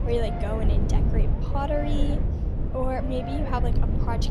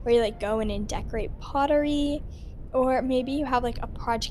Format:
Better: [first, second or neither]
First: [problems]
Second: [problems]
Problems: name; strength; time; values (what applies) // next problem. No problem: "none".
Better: second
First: low rumble; loud; throughout; 4 dB below the speech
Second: low rumble; faint; throughout; 25 dB below the speech